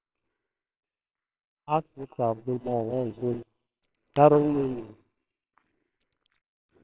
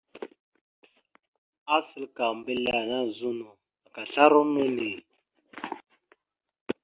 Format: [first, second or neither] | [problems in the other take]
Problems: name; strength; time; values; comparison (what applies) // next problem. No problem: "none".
second | noise reduction (neural separator model SepFormer WHAMR!)